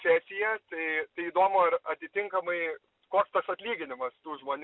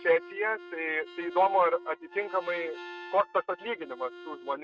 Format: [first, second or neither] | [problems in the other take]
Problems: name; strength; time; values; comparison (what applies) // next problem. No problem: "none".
first | noise reduction (neural mask model RNNoise)